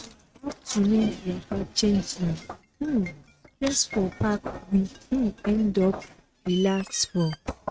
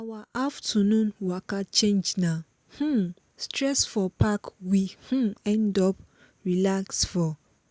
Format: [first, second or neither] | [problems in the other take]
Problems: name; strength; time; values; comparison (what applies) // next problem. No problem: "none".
second | noise reduction (neural mask model RNNoise)